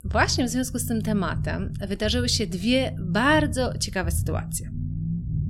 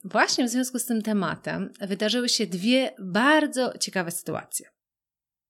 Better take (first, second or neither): second